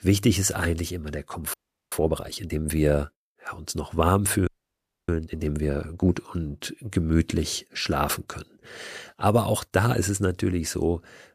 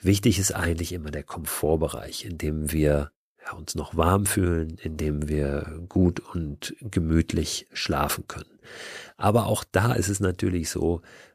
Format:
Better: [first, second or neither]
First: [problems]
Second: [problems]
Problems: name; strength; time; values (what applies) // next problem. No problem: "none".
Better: second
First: audio freezing; at 1.5 s and at 4.5 s for 0.5 s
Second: none